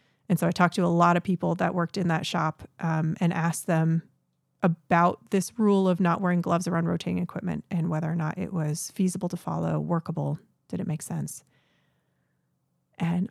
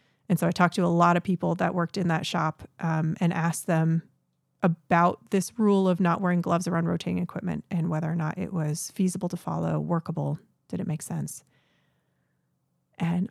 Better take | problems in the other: neither | none

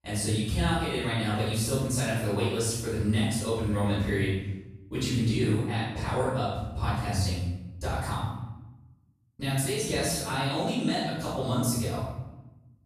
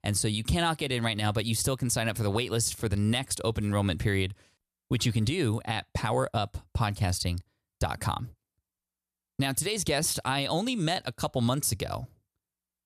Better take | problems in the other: second | off-mic speech; far // room echo; strong; dies away in 0.9 s

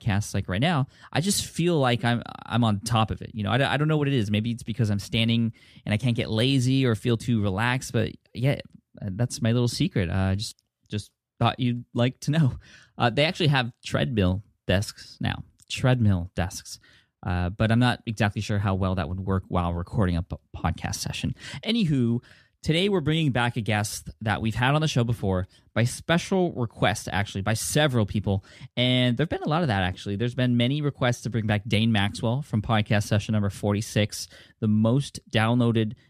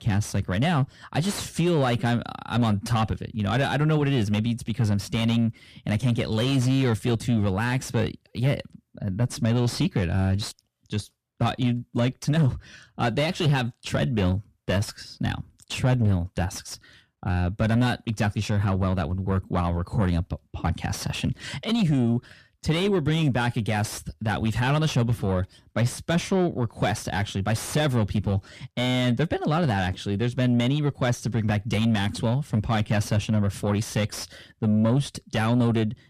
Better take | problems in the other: first | distortion; slight; 10 dB below the speech

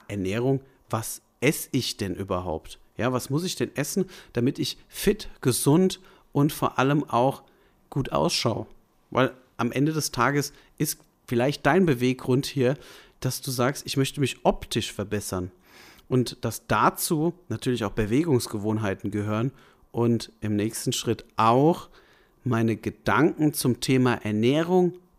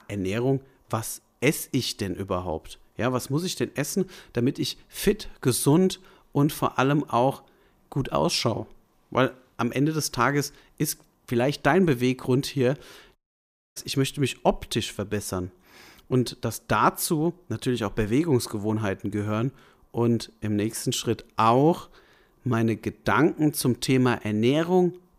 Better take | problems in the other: first | audio cutting out; at 13 s for 0.5 s

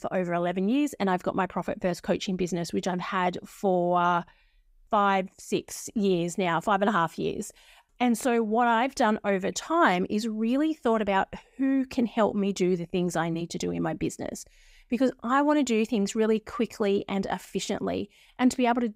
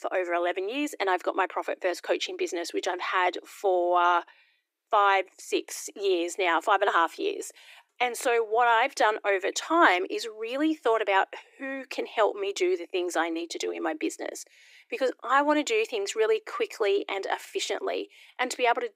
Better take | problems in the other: first | thin; very; fading below 300 Hz

